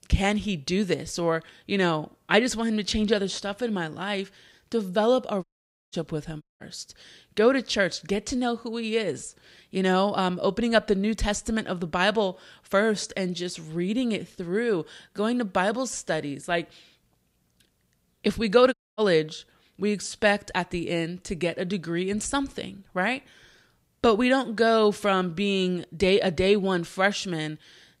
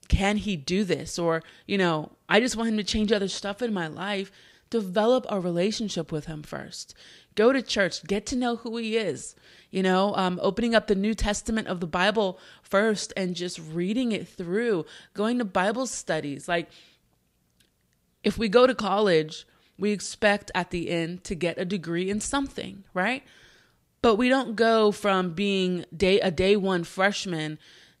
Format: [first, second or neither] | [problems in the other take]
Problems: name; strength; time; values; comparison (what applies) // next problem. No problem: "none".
second | audio cutting out; at 5.5 s, at 6.5 s and at 19 s